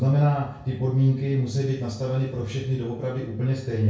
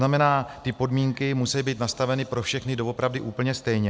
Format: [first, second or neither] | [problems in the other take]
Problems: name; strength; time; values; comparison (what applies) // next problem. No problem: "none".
second | room echo; dies away in 0.6 s